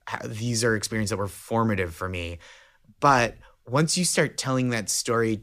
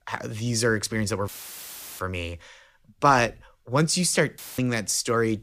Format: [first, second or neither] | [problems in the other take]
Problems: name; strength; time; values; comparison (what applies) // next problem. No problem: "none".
first | audio cutting out; filled with static; at 1.5 s for 0.5 s and at 4.5 s